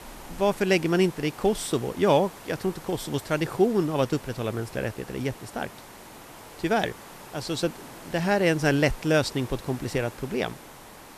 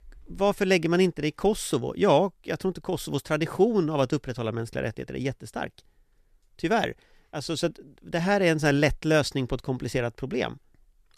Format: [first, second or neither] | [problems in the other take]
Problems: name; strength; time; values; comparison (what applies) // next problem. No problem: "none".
second | hiss; noticeable; throughout; 15 dB below the speech